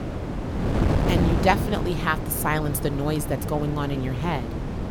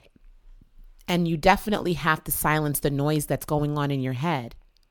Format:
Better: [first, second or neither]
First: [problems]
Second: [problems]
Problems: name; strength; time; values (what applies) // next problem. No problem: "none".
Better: second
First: wind noise on the microphone; heavy; 6 dB below the speech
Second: none